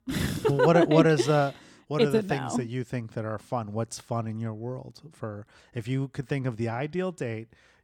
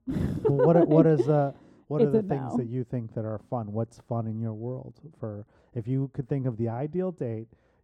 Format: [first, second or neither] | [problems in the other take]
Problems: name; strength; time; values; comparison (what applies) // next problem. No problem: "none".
first | muffled; very; fading above 1.5 kHz